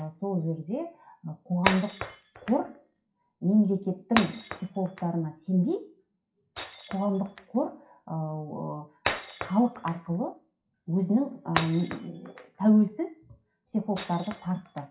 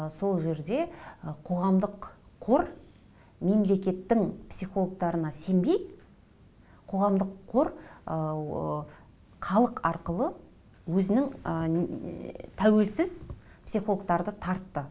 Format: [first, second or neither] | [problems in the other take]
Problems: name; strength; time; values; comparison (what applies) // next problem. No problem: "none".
second | noise reduction (classical method WPE with log-MMSE)